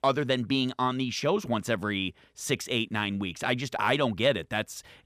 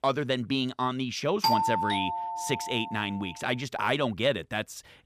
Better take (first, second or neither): first